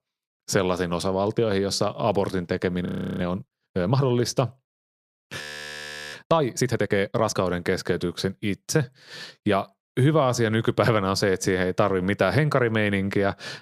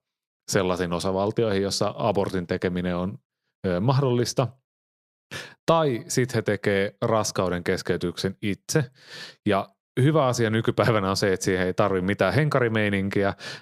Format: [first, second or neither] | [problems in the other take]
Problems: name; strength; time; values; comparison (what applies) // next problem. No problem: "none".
second | audio freezing; at 3 s and at 5.5 s for 0.5 s